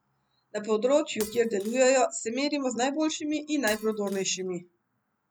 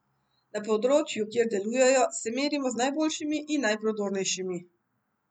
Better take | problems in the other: second | background sound (Shatter); 18 dB below the speech

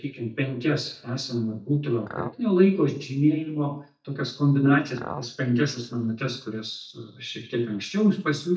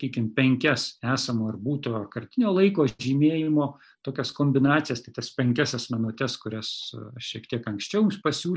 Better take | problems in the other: second | noise reduction (neural mask model DeepFilterNet 3)

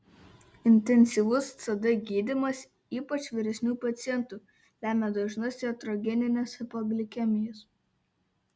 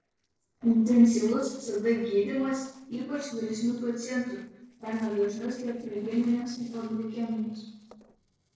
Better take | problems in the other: first | noise reduction (neural separator model SepFormer DNS4)

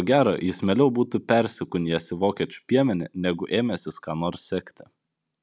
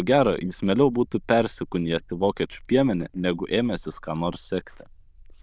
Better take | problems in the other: first | noise reduction (neural diffusion model UNIVERSE++)

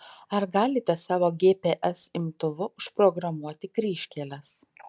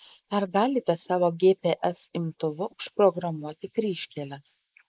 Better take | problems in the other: first | noise reduction (neural mask model Resemble Enhance denoiser)

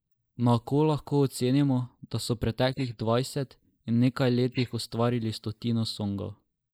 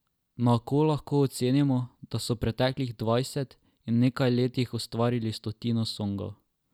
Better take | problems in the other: second | noise reduction (neural mask model Resemble Enhance denoiser)

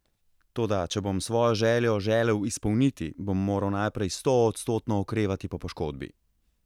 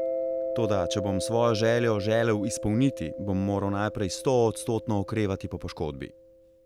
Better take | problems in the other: first | background sound (Mallet percussion); 7 dB below the speech

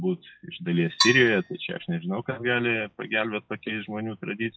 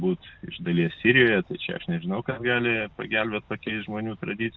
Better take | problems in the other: second | noise reduction (classical method log-MMSE)

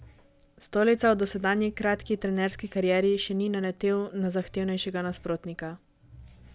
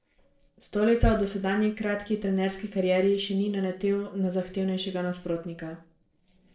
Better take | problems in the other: first | noise reduction (neural separator model SepFormer DNS4)

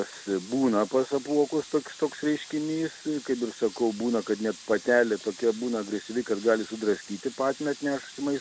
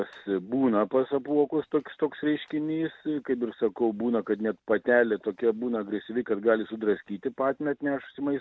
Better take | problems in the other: second | background sound (Sink (filling or washing) / Water tap, faucet); 18 dB below the speech

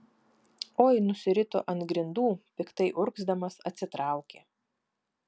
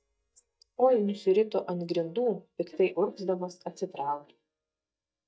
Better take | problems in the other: first | noise reduction (neural mask model DeepFilterNet 3)

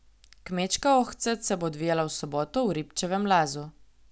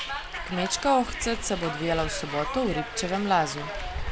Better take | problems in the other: first | background sound (Hiss); 5 dB below the speech

